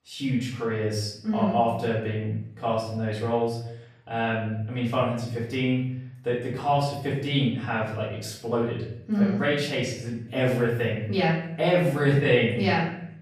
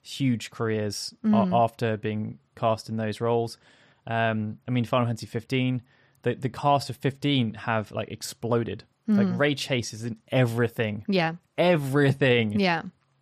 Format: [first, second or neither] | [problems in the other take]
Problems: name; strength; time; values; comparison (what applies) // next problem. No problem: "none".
second | off-mic speech; far // room echo; noticeable; dies away in 0.6 s